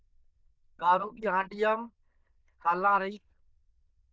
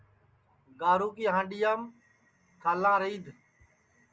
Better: second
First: noise reduction (neural diffusion model UNIVERSE++)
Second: none

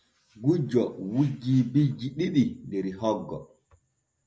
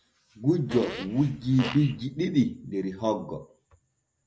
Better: first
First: none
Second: background sound (Fart); 10 dB below the speech

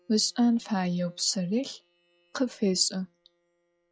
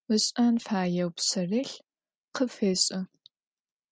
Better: second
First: noise reduction (classical method log-MMSE)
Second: none

